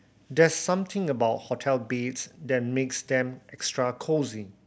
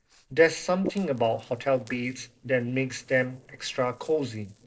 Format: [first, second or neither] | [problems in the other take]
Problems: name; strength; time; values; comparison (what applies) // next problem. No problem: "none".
first | noise reduction (neural separator model SepFormer DNS4)